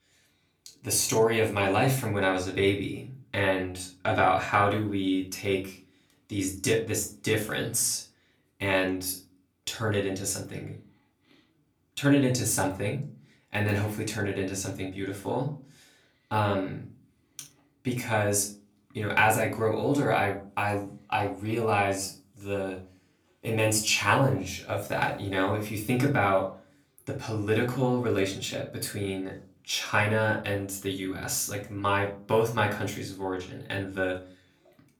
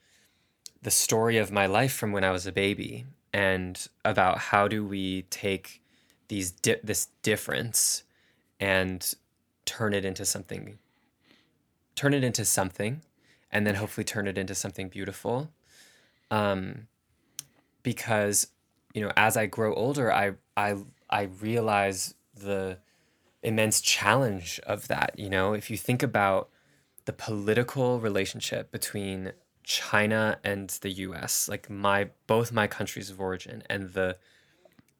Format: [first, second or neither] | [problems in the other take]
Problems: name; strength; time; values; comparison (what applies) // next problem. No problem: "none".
second | off-mic speech; far // room echo; slight; dies away in 0.3 s